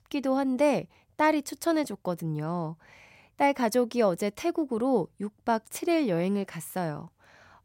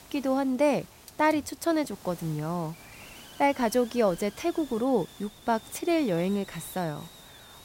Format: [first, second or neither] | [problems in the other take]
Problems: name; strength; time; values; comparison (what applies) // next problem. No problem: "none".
first | hiss; noticeable; throughout; 20 dB below the speech